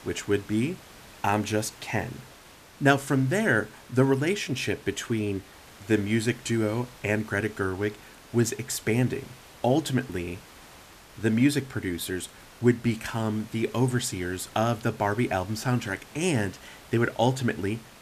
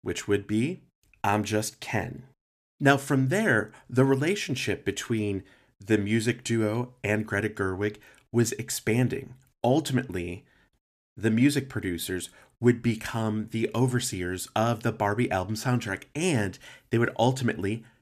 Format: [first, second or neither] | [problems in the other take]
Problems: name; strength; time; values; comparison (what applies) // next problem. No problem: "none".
second | hiss; faint; throughout; 20 dB below the speech